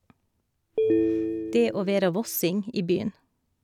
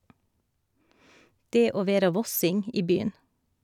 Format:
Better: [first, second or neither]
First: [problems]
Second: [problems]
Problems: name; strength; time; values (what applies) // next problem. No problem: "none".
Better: second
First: background sound (Telephone); 1 dB above the speech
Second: none